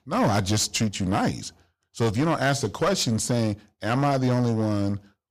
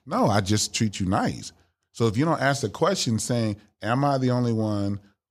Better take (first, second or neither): second